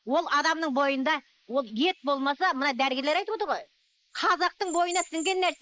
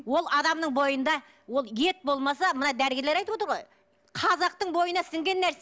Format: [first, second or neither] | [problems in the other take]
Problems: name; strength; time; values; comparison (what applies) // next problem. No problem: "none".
second | noise reduction (neural mask model Resemble Enhance denoiser)